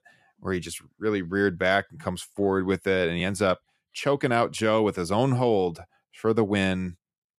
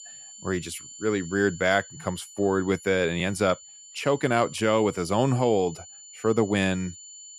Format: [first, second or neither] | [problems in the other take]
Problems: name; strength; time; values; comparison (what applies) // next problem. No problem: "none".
first | high-pitched whine; noticeable; throughout; 7 kHz, 15 dB below the speech